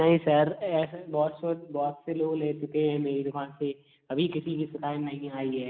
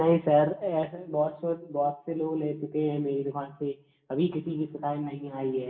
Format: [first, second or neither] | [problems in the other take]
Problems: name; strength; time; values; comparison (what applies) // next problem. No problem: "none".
first | room echo; dies away in 0.2 s